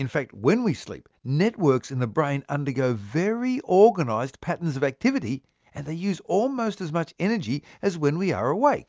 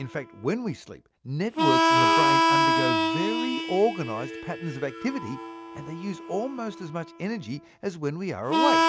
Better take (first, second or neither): first